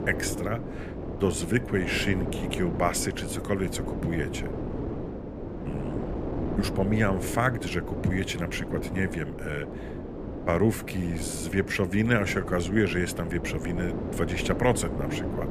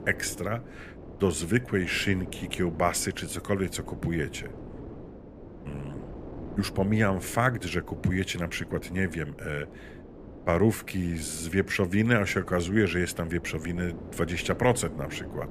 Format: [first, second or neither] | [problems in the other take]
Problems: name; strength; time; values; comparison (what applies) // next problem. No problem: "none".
second | wind noise on the microphone; heavy; 8 dB below the speech; occasional gusts in the second